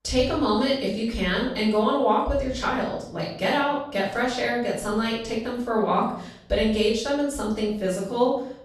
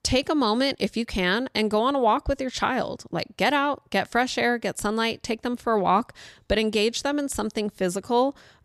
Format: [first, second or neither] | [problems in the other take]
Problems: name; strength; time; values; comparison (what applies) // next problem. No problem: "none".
second | off-mic speech; far // room echo; noticeable; dies away in 0.8 s